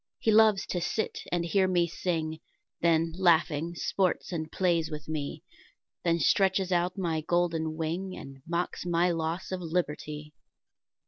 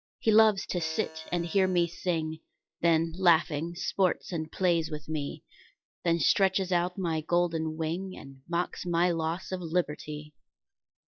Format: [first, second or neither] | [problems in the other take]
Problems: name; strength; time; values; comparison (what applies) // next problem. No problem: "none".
first | noise reduction (classical method log-MMSE)